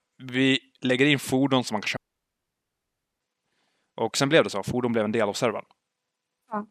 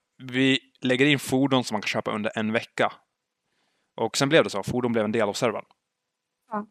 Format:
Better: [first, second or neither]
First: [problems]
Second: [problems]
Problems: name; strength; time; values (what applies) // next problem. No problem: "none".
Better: second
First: audio cutting out; at 2 s for 1 s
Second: none